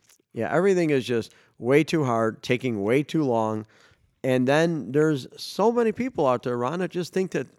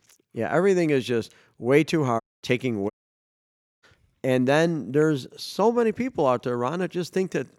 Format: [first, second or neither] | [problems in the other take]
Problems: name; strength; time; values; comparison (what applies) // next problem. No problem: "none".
first | audio cutting out; at 2 s and at 3 s for 1 s